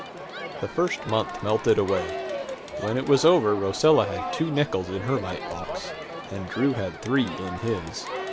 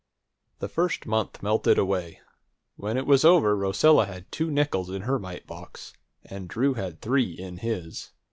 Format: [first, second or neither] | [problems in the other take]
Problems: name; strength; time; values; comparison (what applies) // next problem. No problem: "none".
second | background sound (Crowd); 9 dB below the speech